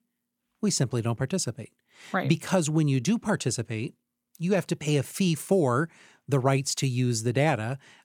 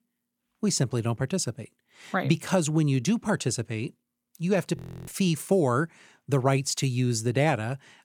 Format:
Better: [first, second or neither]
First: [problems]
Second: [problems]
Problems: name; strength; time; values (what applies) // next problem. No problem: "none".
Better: first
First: none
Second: audio freezing; at 5 s